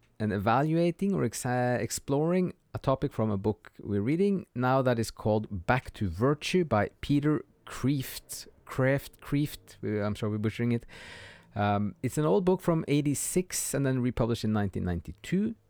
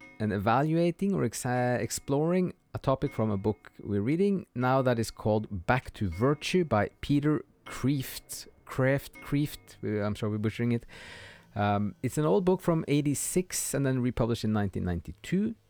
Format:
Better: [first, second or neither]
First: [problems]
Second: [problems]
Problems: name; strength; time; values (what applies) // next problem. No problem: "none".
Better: first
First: none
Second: household noises; faint; throughout; 25 dB below the speech